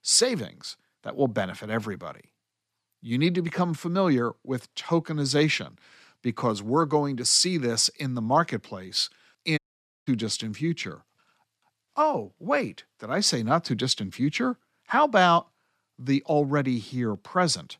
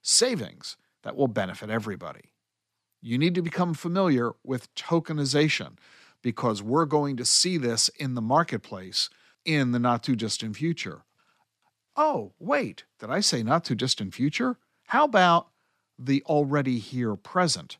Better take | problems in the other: second | audio cutting out; at 9.5 s

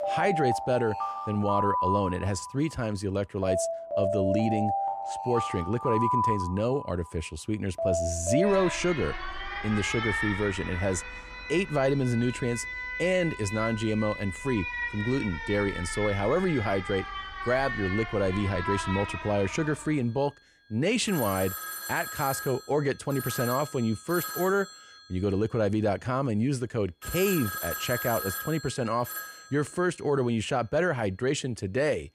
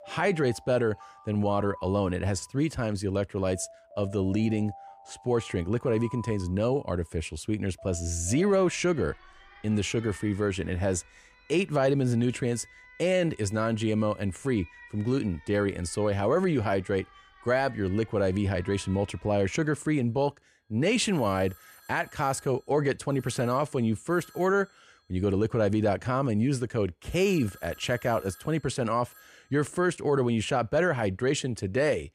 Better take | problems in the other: second | alarms or sirens; loud; throughout; 4 dB below the speech; faint in the second

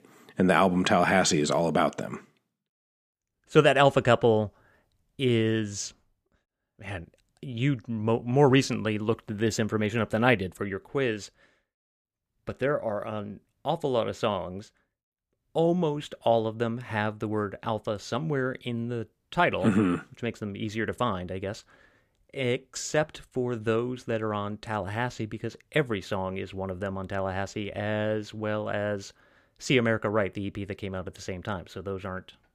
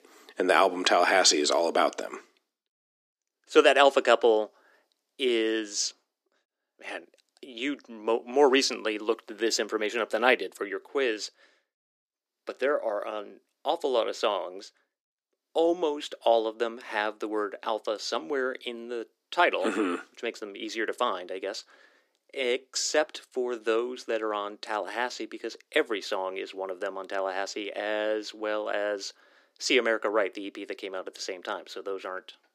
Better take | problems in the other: first | thin; somewhat; fading below 300 Hz

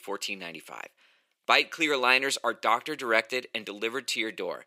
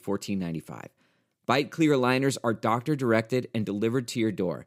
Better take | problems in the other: second | thin; very; fading below 600 Hz

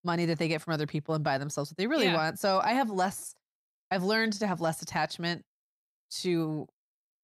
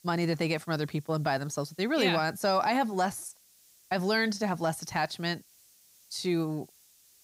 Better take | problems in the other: first | hiss; faint; throughout; 30 dB below the speech

